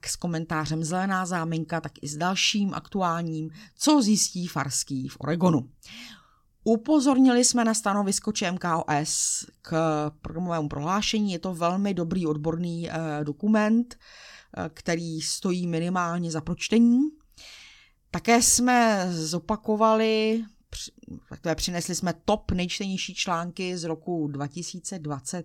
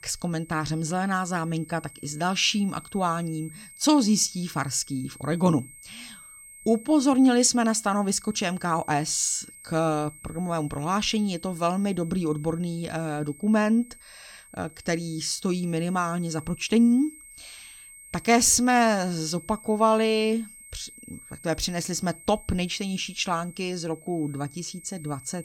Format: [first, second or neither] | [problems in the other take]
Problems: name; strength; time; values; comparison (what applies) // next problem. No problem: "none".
first | high-pitched whine; noticeable; throughout; 8.5 kHz, 20 dB below the speech